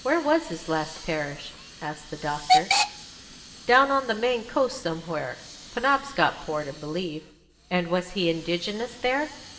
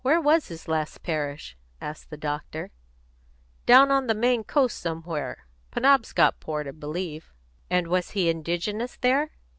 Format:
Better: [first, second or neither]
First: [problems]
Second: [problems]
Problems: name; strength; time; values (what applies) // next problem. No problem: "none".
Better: second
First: background sound (Hiss / Alarm / Train); 6 dB below the speech // room echo; dies away in 0.9 s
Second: none